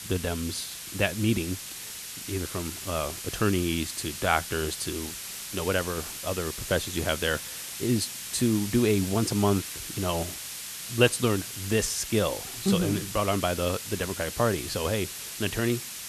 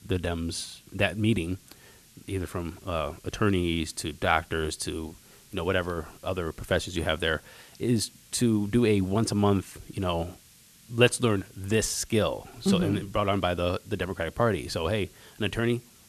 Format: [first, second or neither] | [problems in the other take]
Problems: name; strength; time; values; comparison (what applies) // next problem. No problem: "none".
second | hiss; loud; throughout; 7 dB below the speech; faint in the second